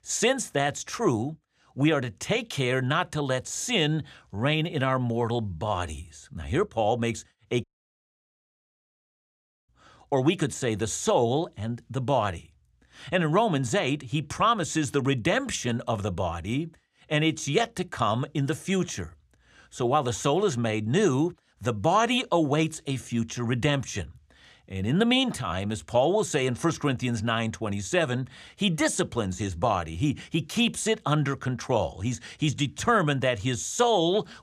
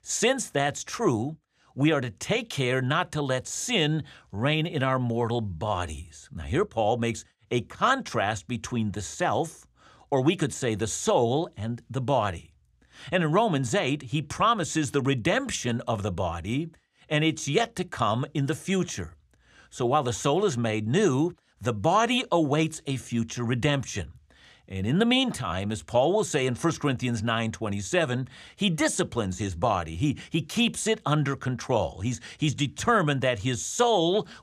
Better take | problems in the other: second | audio cutting out; at 7.5 s for 2 s

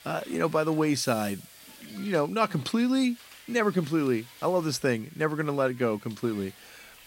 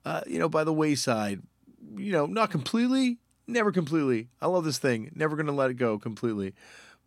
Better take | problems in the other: second | hiss; noticeable; throughout; 20 dB below the speech

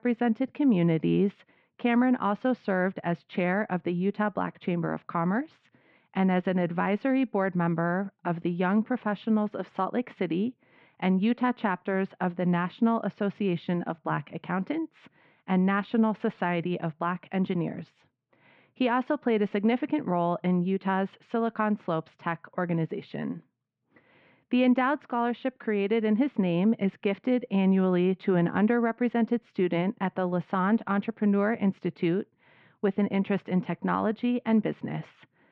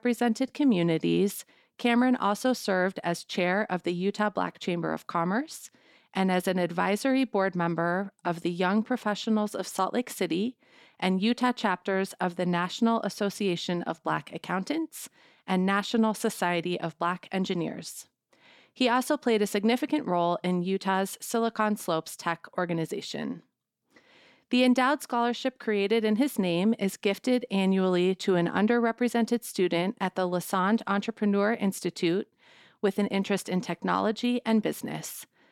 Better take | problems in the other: second | muffled; very; fading above 2.5 kHz

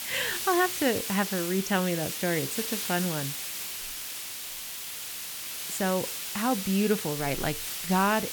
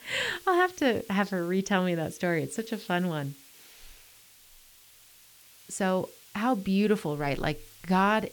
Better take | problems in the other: second | hiss; loud; throughout; 4 dB below the speech; faint in the second

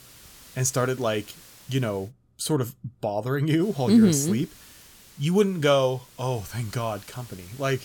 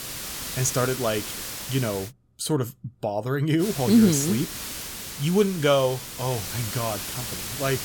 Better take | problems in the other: first | hiss; loud; until 2 s and from 3.5 s on; 7 dB below the speech; faint in the first

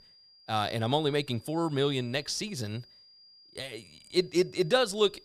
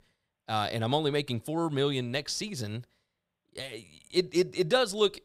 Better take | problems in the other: second | high-pitched whine; faint; throughout; 5 kHz, 25 dB below the speech

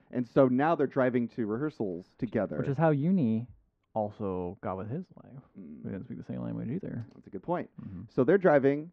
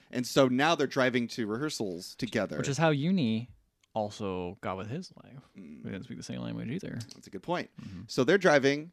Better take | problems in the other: second | muffled; very; fading above 3.5 kHz

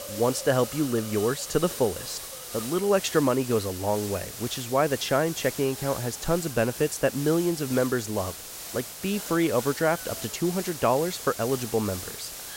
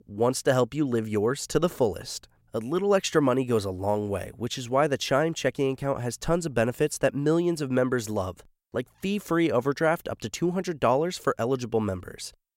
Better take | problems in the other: second | hiss; loud; throughout; 9 dB below the speech

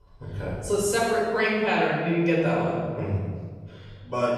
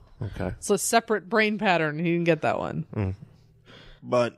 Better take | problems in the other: second | off-mic speech; far // room echo; strong; dies away in 1.4 s

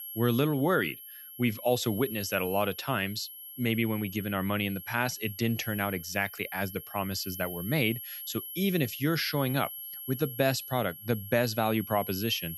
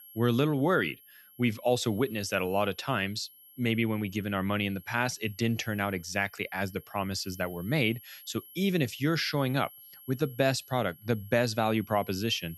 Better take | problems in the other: second | high-pitched whine; loud; throughout; 11.5 kHz, 10 dB below the speech; faint in the second

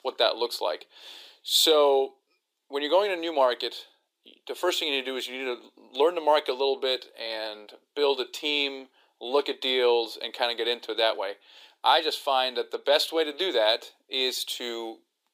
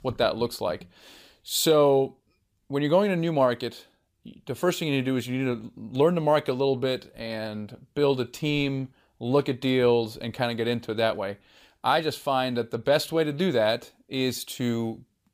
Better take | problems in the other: second | thin; very; fading below 350 Hz

